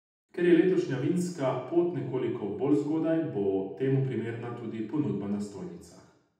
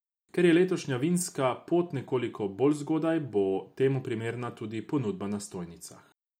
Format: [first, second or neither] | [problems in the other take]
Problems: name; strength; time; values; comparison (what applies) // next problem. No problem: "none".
second | room echo; dies away in 0.8 s